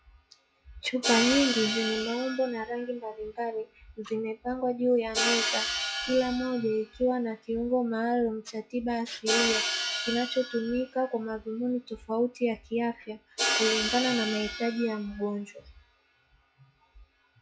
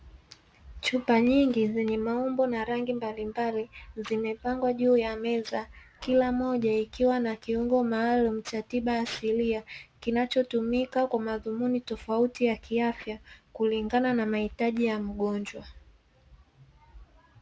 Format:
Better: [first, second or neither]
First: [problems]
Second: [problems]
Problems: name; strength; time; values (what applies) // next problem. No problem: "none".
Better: second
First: noise reduction (classical method log-MMSE)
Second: none